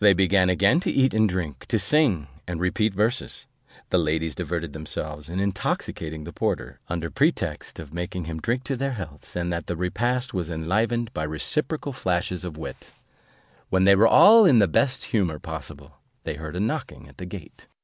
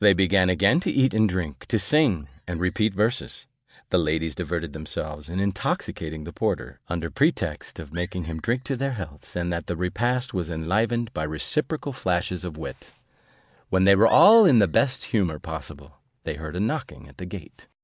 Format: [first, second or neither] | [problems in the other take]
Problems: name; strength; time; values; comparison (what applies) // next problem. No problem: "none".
first | noise reduction (neural mask model DeepFilterNet 3)